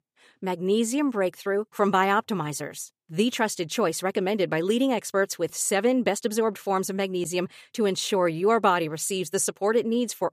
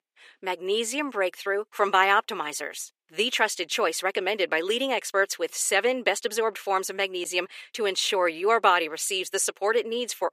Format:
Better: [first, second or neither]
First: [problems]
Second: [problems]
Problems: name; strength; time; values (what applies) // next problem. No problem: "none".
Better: first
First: none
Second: thin; somewhat; fading below 350 Hz